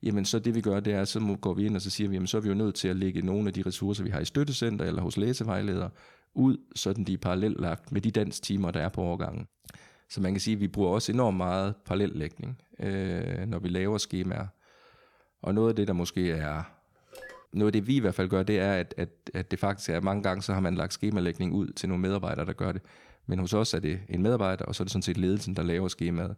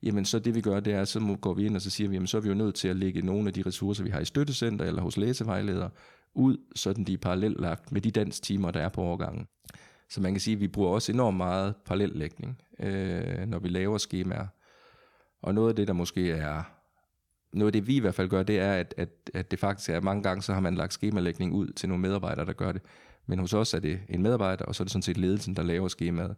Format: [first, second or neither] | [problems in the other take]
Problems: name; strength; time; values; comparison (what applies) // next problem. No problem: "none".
second | phone ringing; faint; at 17 s; peak 15 dB below the speech